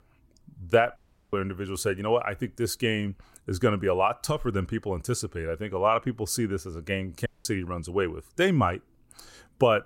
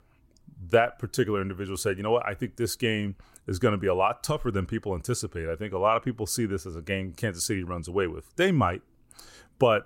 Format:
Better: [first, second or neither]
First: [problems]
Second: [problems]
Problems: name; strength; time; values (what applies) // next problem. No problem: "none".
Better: second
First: audio cutting out; at 1 s and at 7.5 s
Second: none